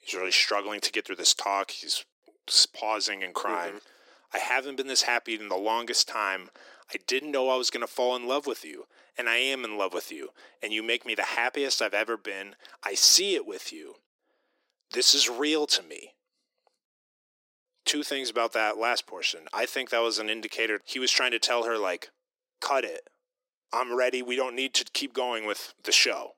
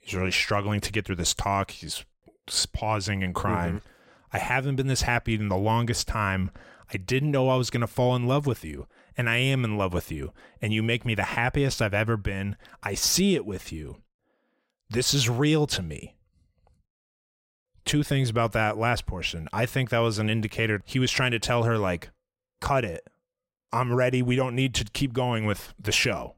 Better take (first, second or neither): second